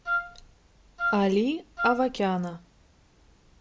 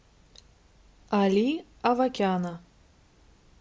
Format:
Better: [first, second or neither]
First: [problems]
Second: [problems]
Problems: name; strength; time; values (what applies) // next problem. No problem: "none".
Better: second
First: background sound (Wind instrument, woodwind instrument); 3 dB below the speech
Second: none